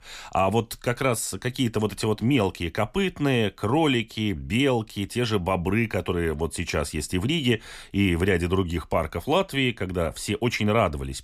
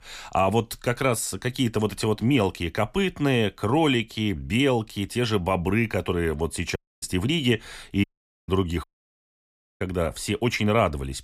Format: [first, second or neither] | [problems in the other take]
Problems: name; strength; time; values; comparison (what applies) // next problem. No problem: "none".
first | audio cutting out; at 7 s, at 8 s and at 9 s for 1 s